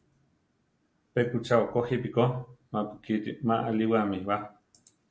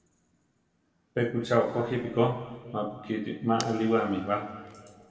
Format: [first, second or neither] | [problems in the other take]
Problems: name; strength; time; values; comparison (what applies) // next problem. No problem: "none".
first | background sound (Fire); 17 dB below the speech // room echo; dies away in 1.8 s